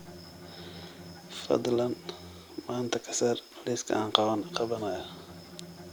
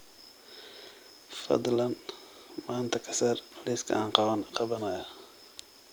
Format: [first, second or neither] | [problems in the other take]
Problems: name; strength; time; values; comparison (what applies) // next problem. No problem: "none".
second | background sound (Bowed string instrument); 17 dB below the speech